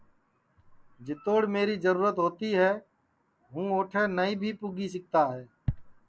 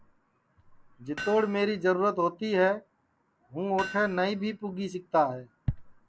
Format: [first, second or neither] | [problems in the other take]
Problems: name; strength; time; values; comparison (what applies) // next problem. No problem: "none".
first | background sound (Hammer); 15 dB below the speech